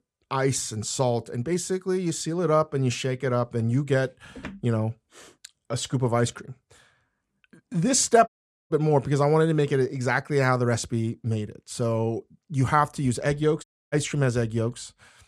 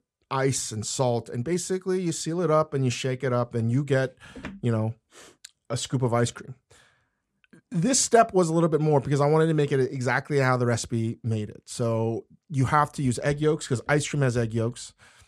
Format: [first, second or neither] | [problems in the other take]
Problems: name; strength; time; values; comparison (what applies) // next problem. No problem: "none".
second | audio cutting out; at 8.5 s and at 14 s